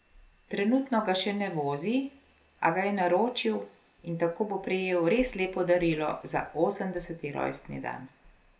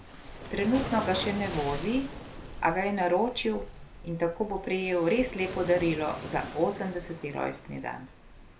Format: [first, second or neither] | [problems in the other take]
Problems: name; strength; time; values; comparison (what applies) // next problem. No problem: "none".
first | background sound (Waves, surf); 11 dB below the speech